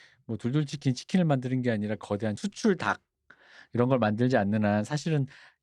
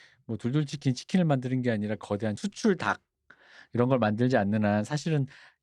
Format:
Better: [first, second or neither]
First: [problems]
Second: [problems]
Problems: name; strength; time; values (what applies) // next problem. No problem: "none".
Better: neither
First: none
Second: none